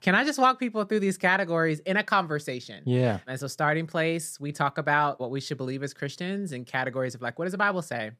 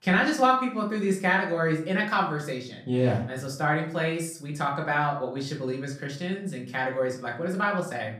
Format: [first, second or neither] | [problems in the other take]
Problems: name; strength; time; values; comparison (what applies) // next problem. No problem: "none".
first | room echo; slight; dies away in 0.4 s // off-mic speech; far